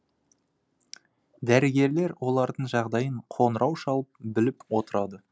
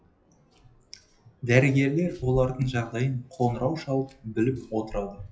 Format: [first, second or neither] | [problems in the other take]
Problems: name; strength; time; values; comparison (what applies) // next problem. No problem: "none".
first | noise reduction (classical method WPE with log-MMSE)